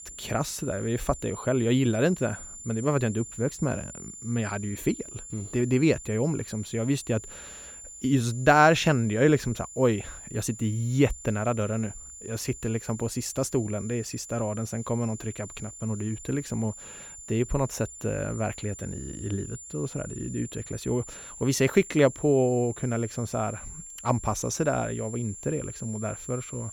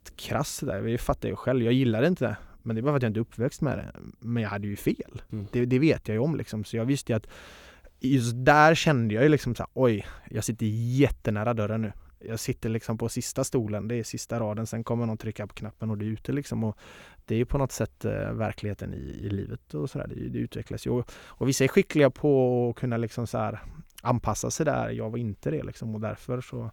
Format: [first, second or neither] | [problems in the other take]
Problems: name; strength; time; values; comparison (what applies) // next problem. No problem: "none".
second | high-pitched whine; noticeable; throughout; 7 kHz, 15 dB below the speech